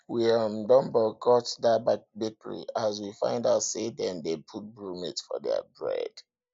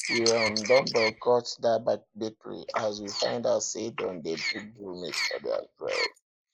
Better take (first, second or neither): first